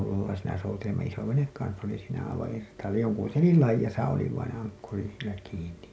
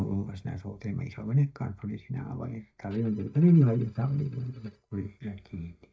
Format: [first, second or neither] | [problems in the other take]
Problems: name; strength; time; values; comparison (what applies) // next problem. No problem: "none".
first | noise reduction (neural mask model DeepFilterNet 3)